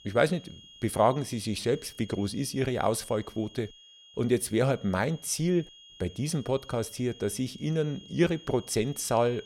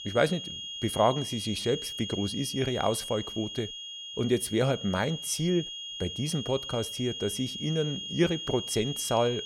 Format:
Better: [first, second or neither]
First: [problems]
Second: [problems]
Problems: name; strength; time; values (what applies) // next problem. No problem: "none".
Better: first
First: high-pitched whine; faint; throughout; 3.5 kHz, 20 dB below the speech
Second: high-pitched whine; loud; throughout; 3.5 kHz, 6 dB below the speech